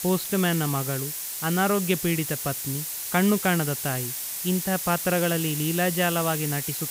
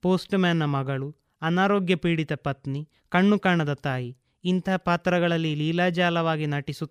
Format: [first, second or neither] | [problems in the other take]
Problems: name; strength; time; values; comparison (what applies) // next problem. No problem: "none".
second | hiss; loud; throughout; 3 dB below the speech